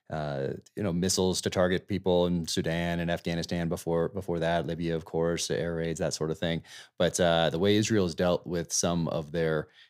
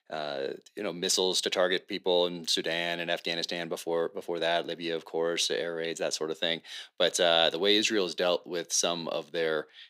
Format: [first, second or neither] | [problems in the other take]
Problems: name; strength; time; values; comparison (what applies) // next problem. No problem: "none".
first | thin; somewhat; fading below 300 Hz